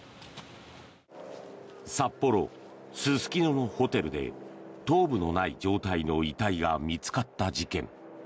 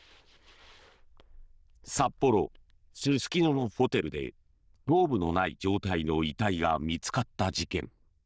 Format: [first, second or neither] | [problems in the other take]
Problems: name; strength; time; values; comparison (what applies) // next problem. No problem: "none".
first | noise reduction (neural diffusion model UNIVERSE++)